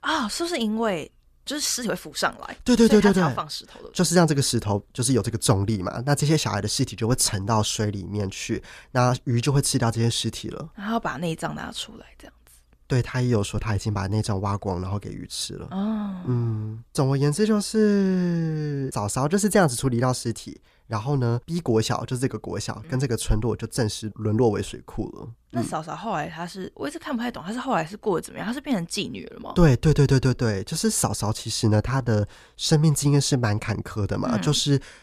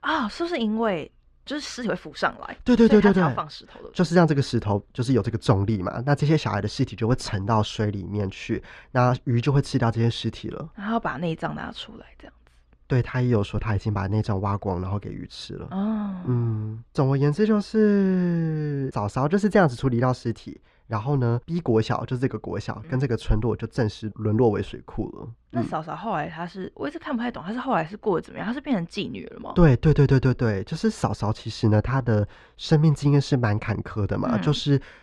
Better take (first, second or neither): first